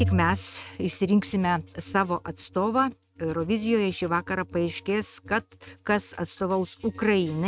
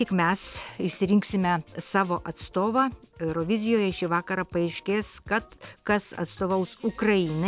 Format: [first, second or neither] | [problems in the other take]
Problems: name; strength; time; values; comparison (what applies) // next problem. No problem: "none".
second | noise reduction (neural mask model RNNoise)